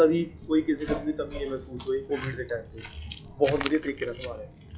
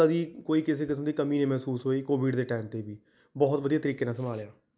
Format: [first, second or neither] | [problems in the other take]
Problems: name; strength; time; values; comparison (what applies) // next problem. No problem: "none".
second | noise reduction (classical method log-MMSE)